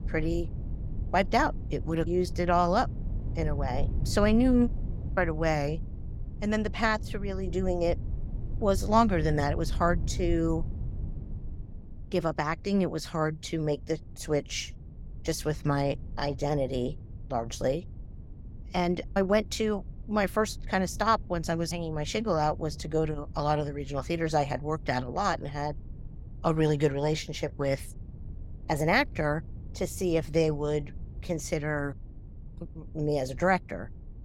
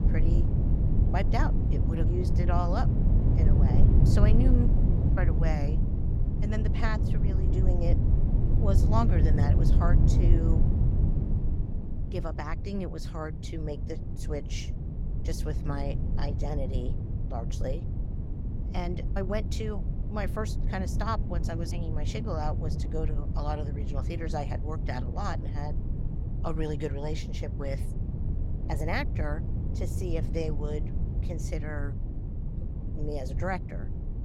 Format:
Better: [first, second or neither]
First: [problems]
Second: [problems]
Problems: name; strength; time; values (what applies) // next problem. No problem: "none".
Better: first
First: low rumble; faint; throughout; 25 dB below the speech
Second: low rumble; loud; throughout; 5 dB below the speech